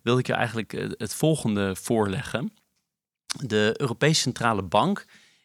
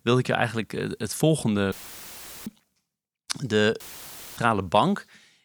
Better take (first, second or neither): first